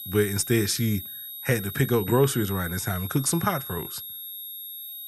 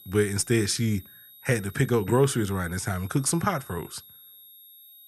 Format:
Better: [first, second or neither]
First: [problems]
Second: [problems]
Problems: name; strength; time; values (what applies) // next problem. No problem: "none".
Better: second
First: high-pitched whine; loud; throughout; 11.5 kHz, 9 dB below the speech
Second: high-pitched whine; faint; throughout; 11.5 kHz, 20 dB below the speech